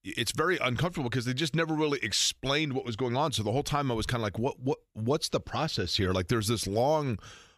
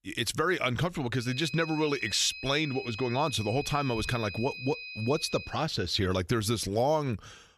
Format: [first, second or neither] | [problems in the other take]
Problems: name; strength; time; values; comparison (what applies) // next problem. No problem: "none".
first | high-pitched whine; noticeable; from 1.5 to 5.5 s; 2.5 kHz, 10 dB below the speech